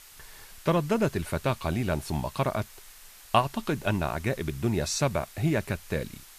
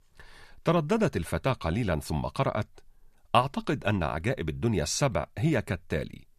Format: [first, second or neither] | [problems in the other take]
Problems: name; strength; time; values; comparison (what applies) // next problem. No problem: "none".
second | hiss; noticeable; throughout; 20 dB below the speech